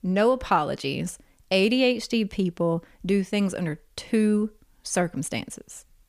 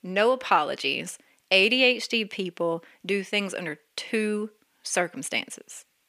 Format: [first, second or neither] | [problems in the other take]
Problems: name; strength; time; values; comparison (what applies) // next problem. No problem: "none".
first | thin; somewhat; fading below 300 Hz